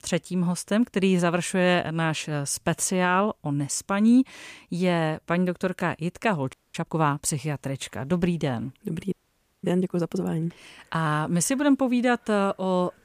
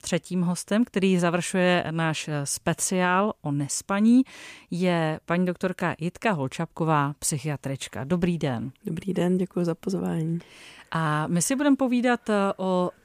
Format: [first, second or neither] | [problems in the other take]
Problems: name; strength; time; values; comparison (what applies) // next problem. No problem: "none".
second | audio freezing; at 6.5 s and at 9 s for 0.5 s